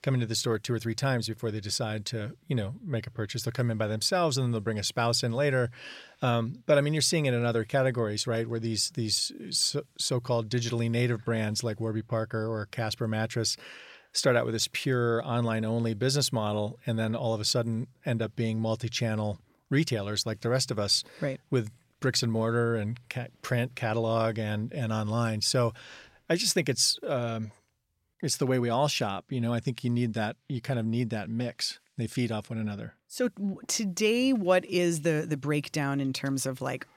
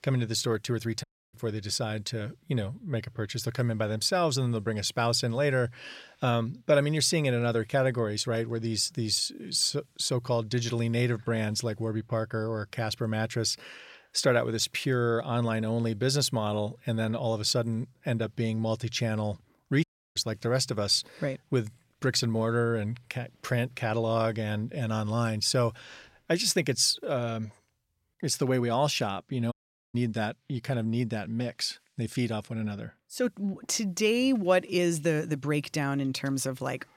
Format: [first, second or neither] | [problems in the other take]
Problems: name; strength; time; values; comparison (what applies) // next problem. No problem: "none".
first | audio cutting out; at 1 s, at 20 s and at 30 s